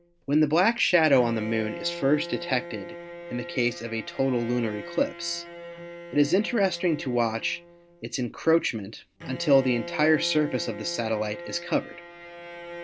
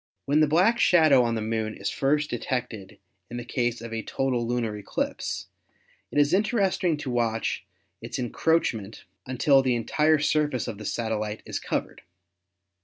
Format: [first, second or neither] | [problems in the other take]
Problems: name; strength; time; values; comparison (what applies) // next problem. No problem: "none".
second | background sound (Bowed string instrument); 13 dB below the speech